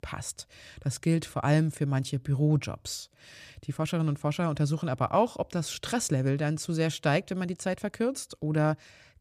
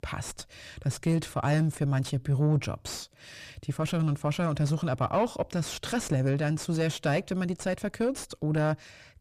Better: first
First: none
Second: distortion; slight; 9 dB below the speech

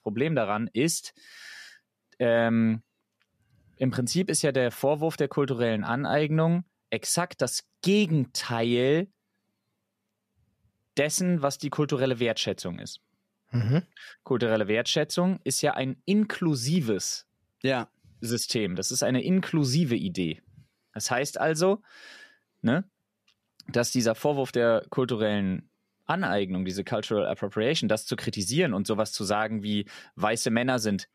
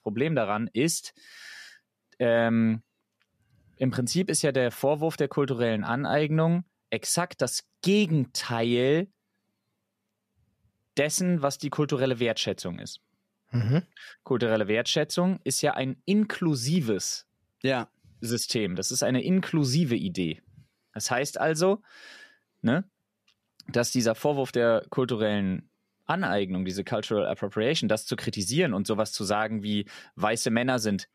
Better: neither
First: none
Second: none

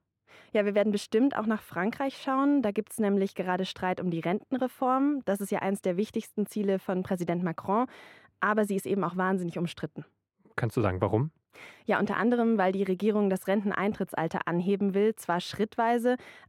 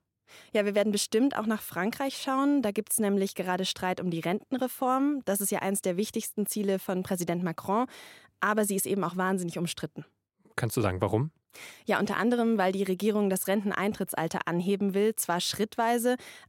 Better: second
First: muffled; slightly; fading above 3.5 kHz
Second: none

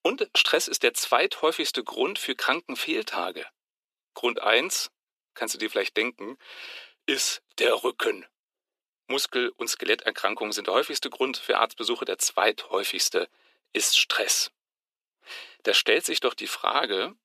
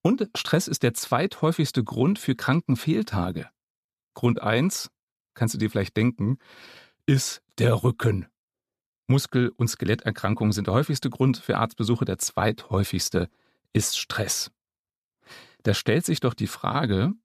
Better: second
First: thin; very; fading below 350 Hz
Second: none

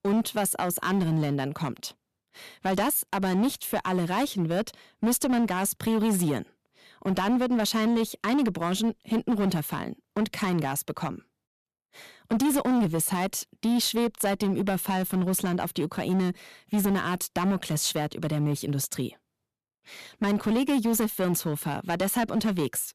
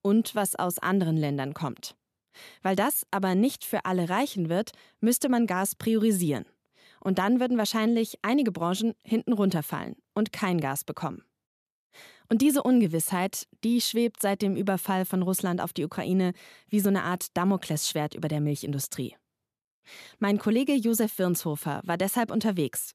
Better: second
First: distortion; slight; 11% of the sound clipped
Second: none

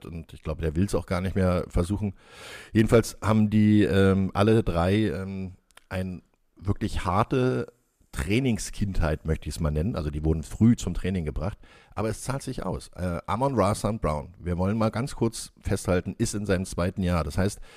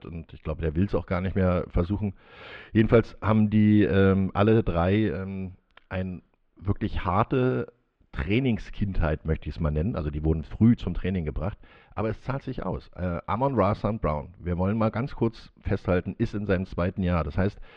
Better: first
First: none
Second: muffled; very; fading above 3.5 kHz

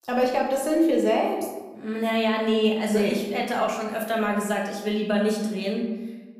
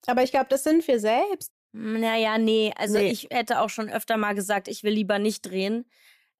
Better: second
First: room echo; noticeable; dies away in 1 s // off-mic speech; somewhat distant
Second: none

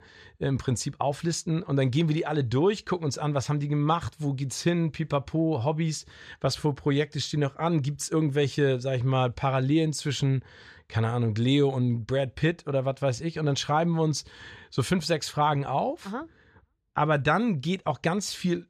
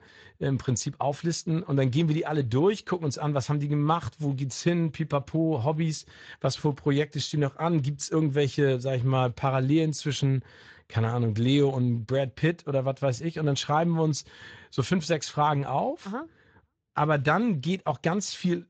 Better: first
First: none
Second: garbled, watery; slightly; nothing above 7.5 kHz

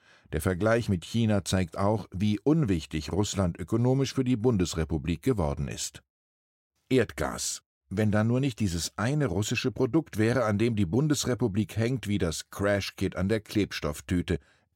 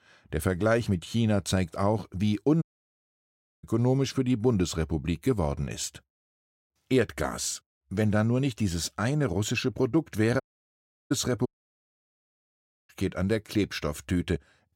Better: first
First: none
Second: audio cutting out; at 2.5 s for 1 s, at 10 s for 0.5 s and at 11 s for 1.5 s

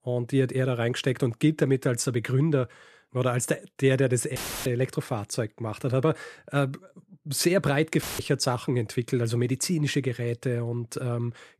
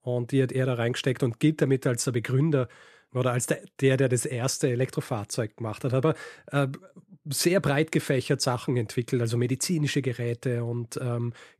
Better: second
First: audio cutting out; filled with static; at 4.5 s and at 8 s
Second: none

